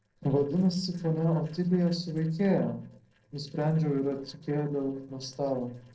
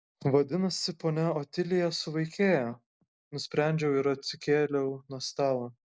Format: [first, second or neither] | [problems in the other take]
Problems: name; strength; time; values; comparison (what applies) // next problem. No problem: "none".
second | noise reduction (neural separator model SepFormer DNS4)